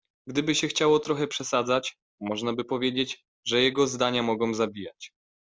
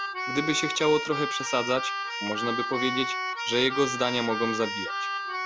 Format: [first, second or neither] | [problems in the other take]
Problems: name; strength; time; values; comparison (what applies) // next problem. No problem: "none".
first | background sound (Keyboard (musical)); 3 dB below the speech